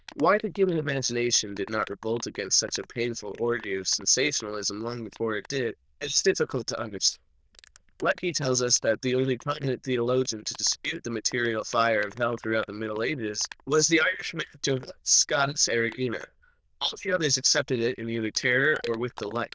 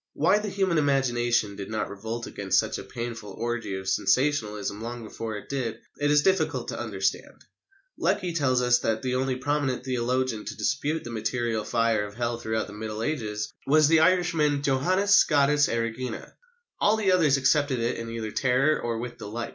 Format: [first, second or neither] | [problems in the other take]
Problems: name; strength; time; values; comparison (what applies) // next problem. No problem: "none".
second | noise reduction (neural diffusion model UNIVERSE++)